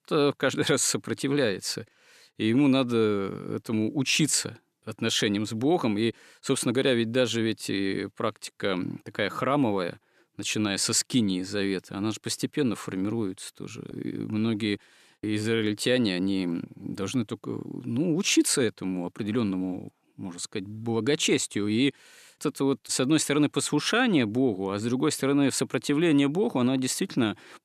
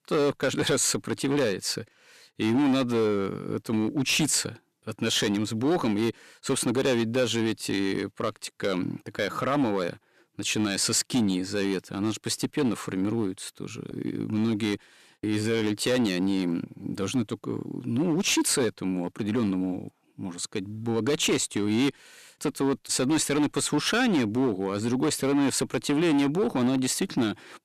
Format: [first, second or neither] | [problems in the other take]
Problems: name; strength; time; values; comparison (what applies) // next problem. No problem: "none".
first | distortion; slight; 8% of the sound clipped